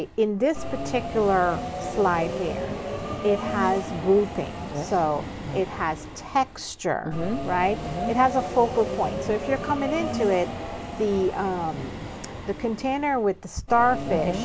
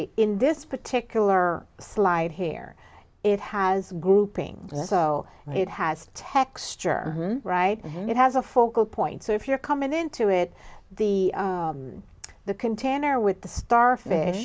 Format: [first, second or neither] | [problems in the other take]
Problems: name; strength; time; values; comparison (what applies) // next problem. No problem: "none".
second | background sound (Subway, metro, underground); 7 dB below the speech